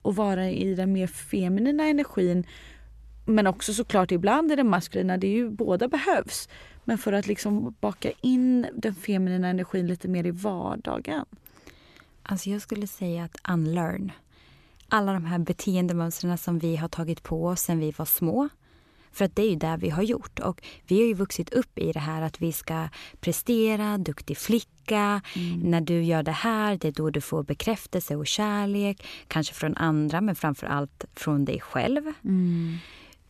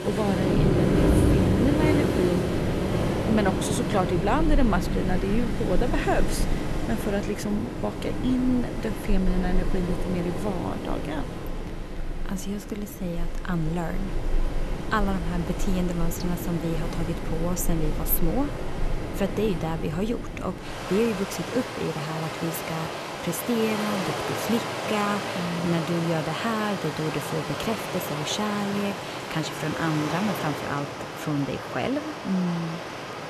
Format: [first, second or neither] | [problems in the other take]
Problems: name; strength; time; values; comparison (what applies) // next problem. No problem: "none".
first | rain or running water; loud; throughout; 1 dB below the speech